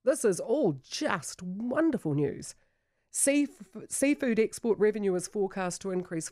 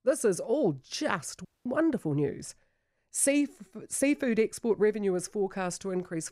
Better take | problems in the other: first | audio cutting out; at 1.5 s

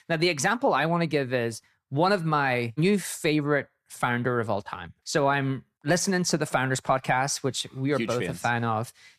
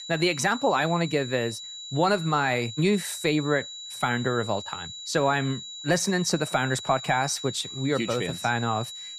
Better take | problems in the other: first | high-pitched whine; noticeable; throughout; 4 kHz, 10 dB below the speech

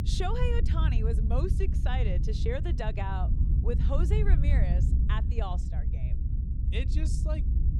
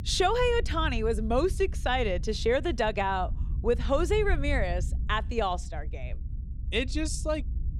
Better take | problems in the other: second | low rumble; loud; throughout; 7 dB below the speech; faint in the second

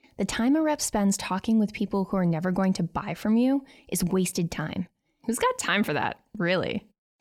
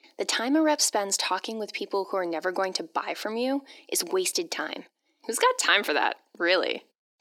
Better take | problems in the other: first | thin; somewhat; fading below 300 Hz

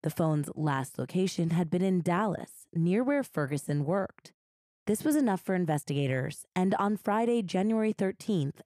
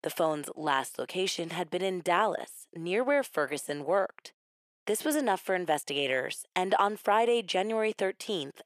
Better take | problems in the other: first | thin; very; fading below 500 Hz

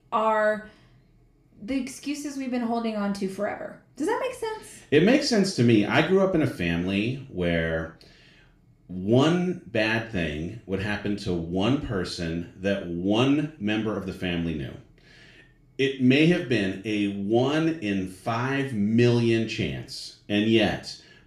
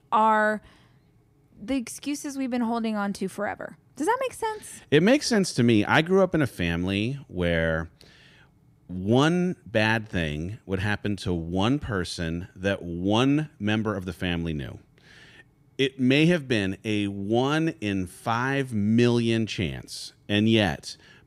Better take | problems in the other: second | room echo; slight; dies away in 0.4 s // off-mic speech; far

